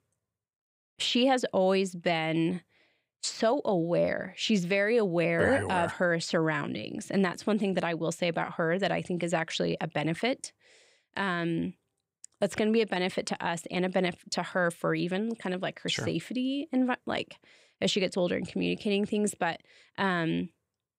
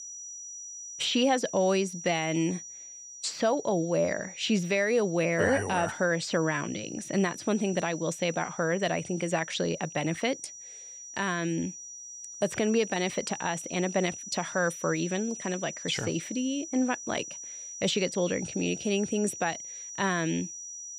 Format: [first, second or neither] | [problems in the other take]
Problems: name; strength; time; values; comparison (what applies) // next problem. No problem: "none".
first | high-pitched whine; noticeable; throughout; 6 kHz, 10 dB below the speech